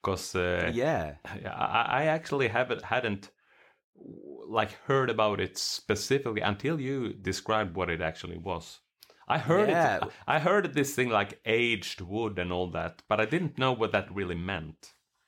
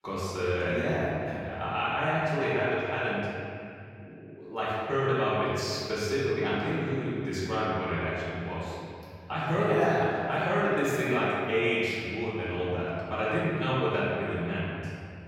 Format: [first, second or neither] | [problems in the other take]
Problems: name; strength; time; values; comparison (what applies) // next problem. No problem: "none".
first | room echo; strong; dies away in 2.5 s // off-mic speech; far